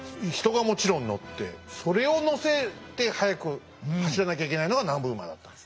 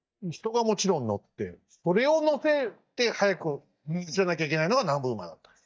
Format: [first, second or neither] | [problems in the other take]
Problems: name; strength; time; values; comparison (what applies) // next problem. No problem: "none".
first | noise reduction (neural mask model DeepFilterNet 3)